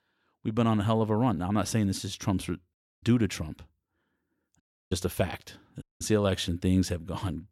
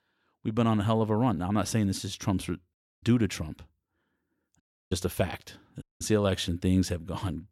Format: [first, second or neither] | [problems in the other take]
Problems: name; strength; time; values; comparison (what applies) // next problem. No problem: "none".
neither | audio cutting out; at 2.5 s, at 4.5 s and at 6 s; the same in both